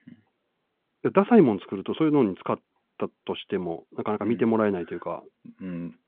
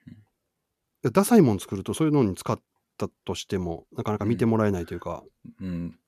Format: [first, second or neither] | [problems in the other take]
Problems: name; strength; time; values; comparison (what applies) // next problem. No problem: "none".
second | phone-call audio